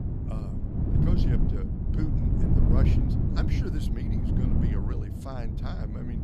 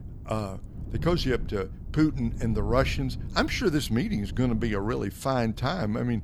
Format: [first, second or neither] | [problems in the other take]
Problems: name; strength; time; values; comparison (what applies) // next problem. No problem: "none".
second | wind noise on the microphone; heavy; 4 dB above the speech; occasional gusts in the second